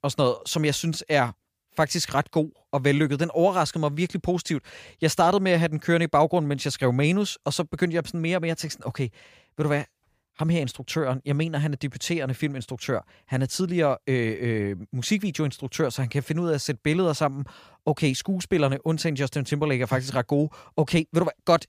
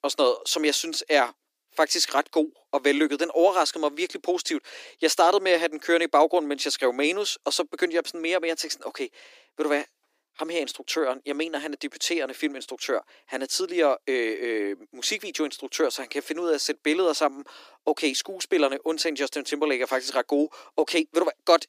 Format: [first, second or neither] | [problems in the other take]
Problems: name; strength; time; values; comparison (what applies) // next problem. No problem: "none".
first | thin; somewhat; fading below 300 Hz